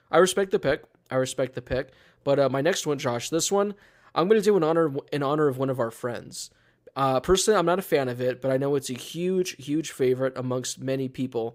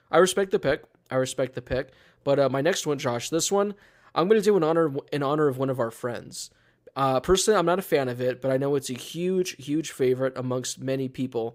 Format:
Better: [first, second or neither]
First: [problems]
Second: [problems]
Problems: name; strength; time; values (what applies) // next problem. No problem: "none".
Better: neither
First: none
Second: none